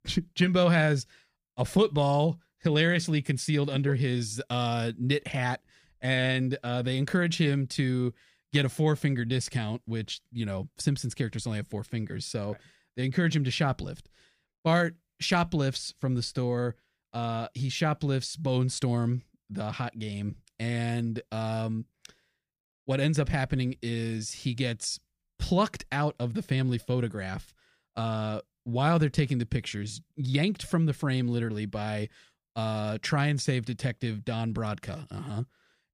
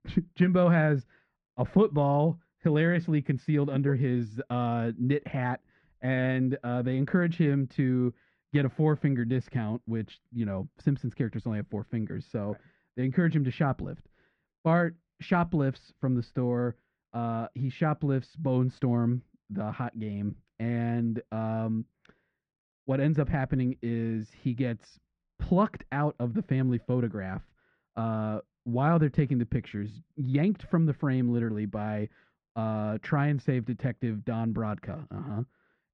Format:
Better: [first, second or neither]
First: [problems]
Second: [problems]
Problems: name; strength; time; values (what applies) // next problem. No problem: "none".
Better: first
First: none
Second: muffled; very; fading above 1.5 kHz